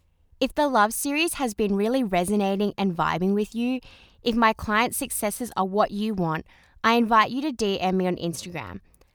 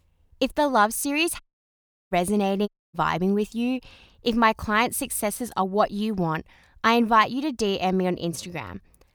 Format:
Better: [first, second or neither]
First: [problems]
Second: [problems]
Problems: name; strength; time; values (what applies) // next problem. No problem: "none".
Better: first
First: none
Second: audio cutting out; at 1.5 s for 0.5 s and at 2.5 s